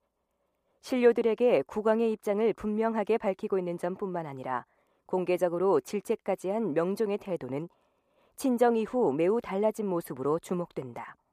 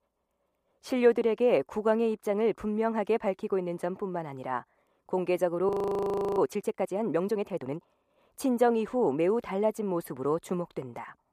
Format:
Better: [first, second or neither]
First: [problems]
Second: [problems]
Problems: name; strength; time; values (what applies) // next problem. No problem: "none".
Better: first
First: none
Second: audio freezing; at 5.5 s for 0.5 s